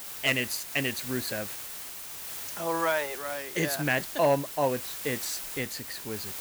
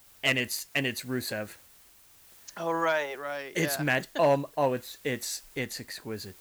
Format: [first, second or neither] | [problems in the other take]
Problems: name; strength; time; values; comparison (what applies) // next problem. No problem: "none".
second | hiss; loud; throughout; 6 dB below the speech; faint in the second